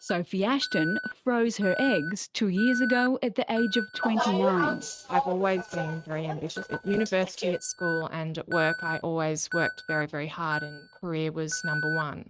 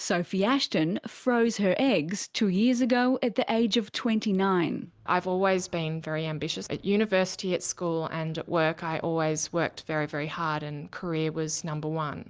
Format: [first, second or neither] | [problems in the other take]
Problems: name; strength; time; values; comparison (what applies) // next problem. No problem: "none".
second | noise reduction (neural mask model RNNoise)